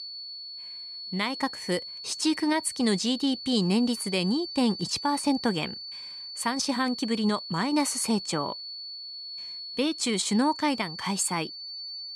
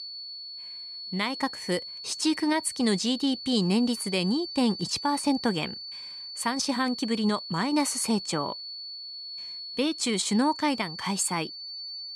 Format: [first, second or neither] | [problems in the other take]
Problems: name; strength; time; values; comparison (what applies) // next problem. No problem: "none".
neither | high-pitched whine; loud; throughout; 4.5 kHz, 9 dB below the speech; the same in both